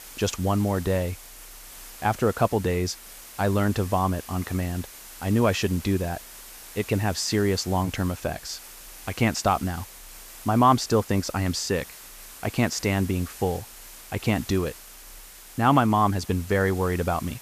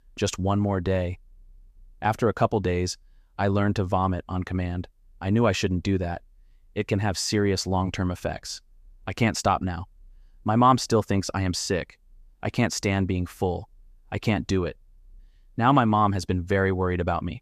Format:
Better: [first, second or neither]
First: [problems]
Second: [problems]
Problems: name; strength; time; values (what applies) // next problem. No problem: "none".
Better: second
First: hiss; noticeable; throughout; 15 dB below the speech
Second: none